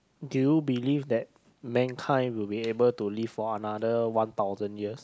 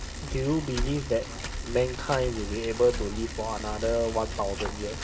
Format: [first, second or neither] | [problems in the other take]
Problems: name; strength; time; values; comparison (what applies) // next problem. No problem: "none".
first | background sound (Bicycle); 5 dB below the speech // room echo; dies away in 0.2 s